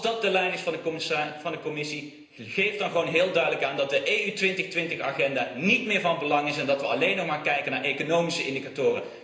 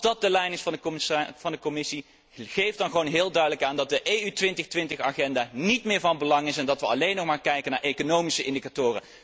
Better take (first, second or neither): second